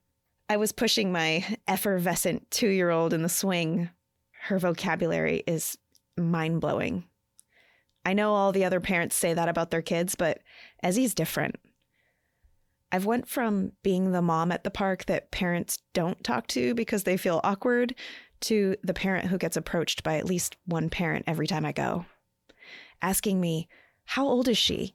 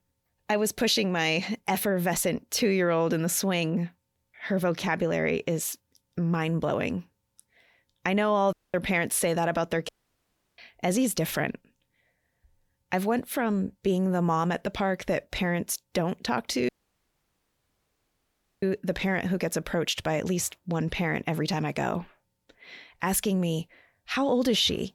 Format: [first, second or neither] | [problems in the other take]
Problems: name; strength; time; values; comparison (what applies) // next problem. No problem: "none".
first | audio cutting out; at 8.5 s, at 10 s for 0.5 s and at 17 s for 2 s